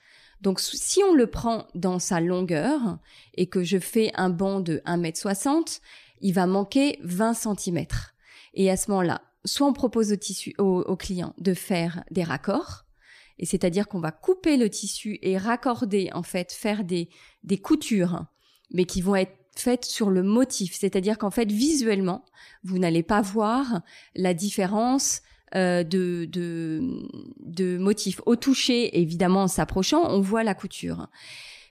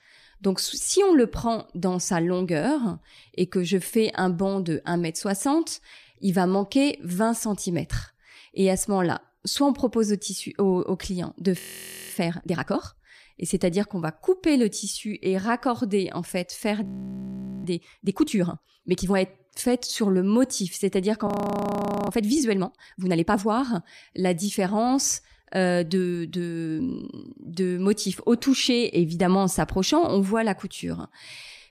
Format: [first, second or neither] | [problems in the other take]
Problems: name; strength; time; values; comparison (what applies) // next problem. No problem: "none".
first | audio freezing; at 12 s for 0.5 s, at 17 s for 1 s and at 21 s for 1 s